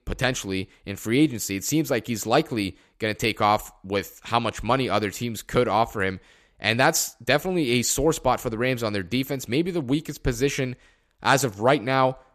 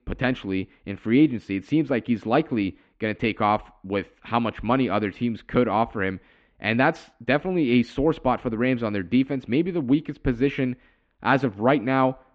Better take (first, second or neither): first